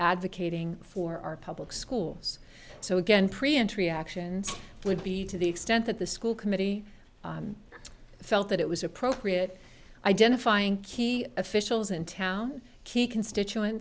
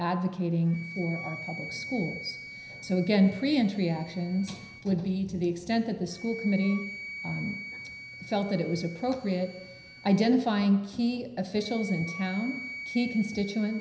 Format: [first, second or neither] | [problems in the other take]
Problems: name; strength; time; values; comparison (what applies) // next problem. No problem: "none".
first | background sound (Wind instrument, woodwind instrument); 14 dB below the speech // room echo; dies away in 0.9 s